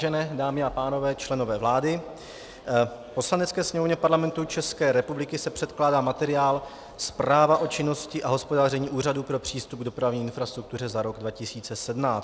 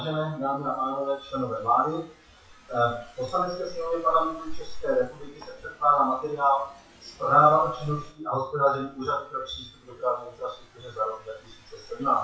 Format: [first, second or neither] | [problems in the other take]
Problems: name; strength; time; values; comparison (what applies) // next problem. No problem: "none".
first | noise reduction (classical method WPE with log-MMSE)